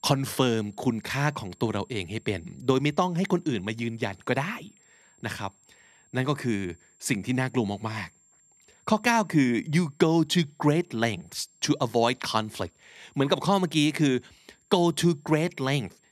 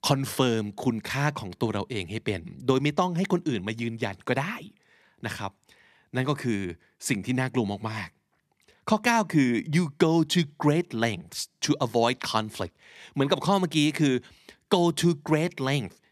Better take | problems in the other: second | high-pitched whine; faint; throughout; 7.5 kHz, 35 dB below the speech

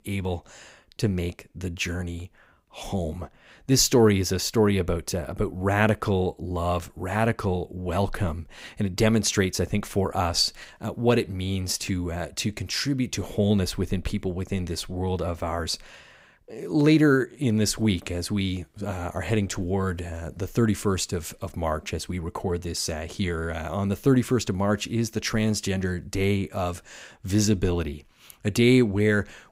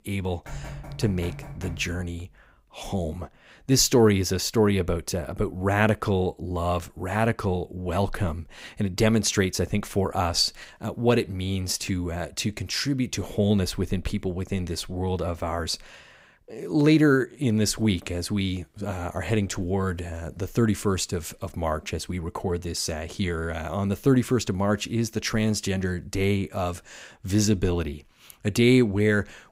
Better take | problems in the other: first | door banging; faint; until 2 s; peak 15 dB below the speech

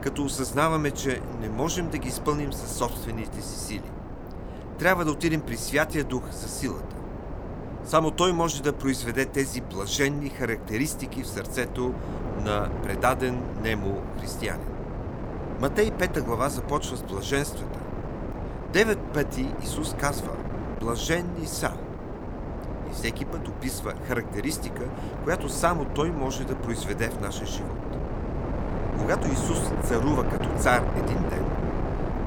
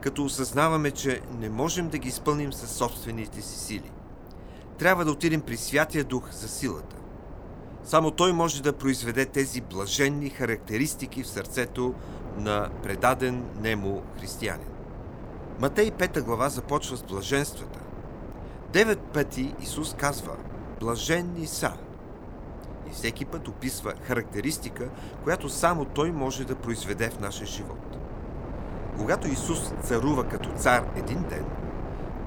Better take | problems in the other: second | wind noise on the microphone; heavy; 9 dB below the speech; occasional gusts in the second

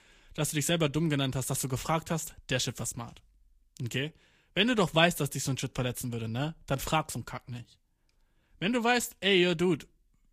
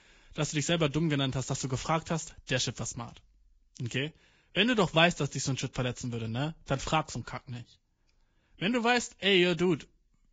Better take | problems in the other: first | garbled, watery; badly; nothing above 7.5 kHz; slightly in the first

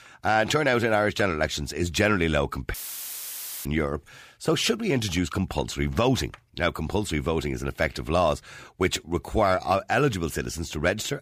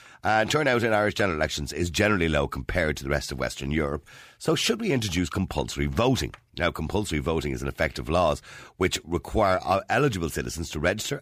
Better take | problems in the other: second | audio cutting out; filled with static; at 2.5 s for 1 s

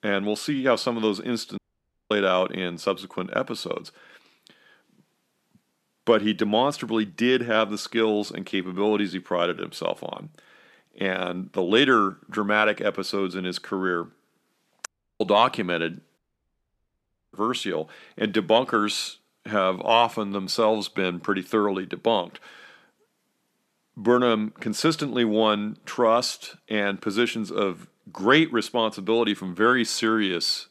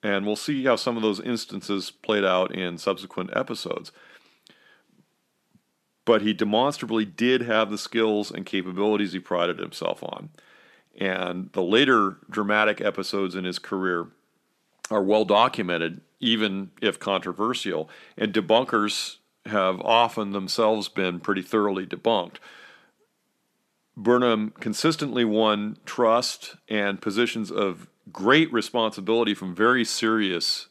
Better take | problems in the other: second | audio cutting out; at 1.5 s for 0.5 s, at 15 s and at 16 s for 1 s

